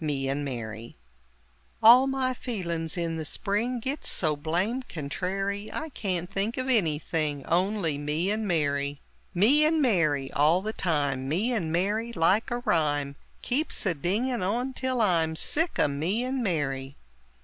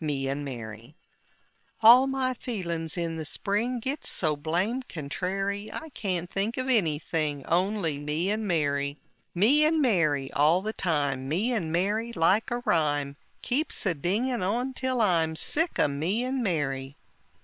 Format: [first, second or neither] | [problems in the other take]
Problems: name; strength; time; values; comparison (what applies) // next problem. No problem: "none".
first | noise reduction (neural separator model SepFormer WHAM!)